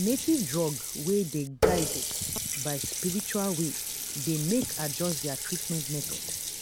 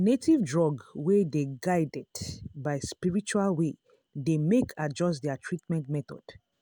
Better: second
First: background sound (Water tap, faucet); 2 dB below the speech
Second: none

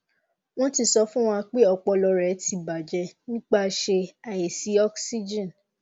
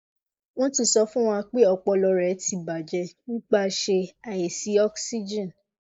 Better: first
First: none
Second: noise reduction (neural mask model Resemble Enhance denoiser)

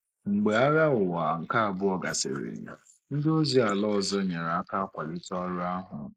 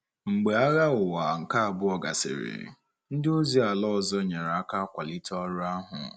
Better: second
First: noise reduction (neural mask model Resemble Enhance denoiser)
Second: none

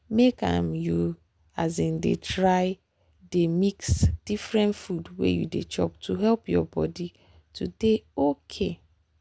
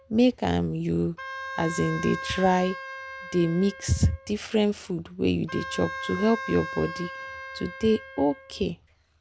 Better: first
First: none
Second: background sound (Wind instrument, woodwind instrument); 12 dB below the speech

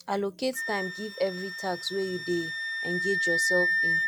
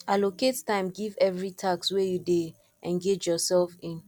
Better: second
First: background sound (Wind instrument, woodwind instrument); 1 dB above the speech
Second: none

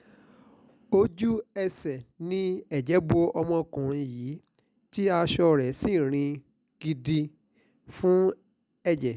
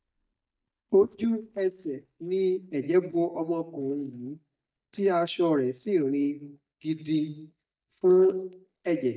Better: first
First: none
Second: noise reduction (neural mask model DeepFilterNet 3)

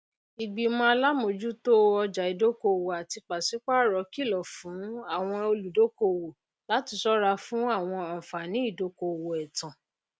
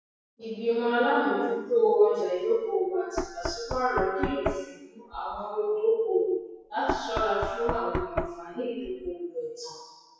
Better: first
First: none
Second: noise reduction (classical method WPE with log-MMSE)

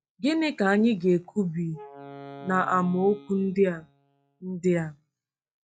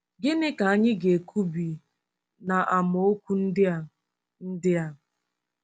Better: second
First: noise reduction (classical method log-MMSE)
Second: none

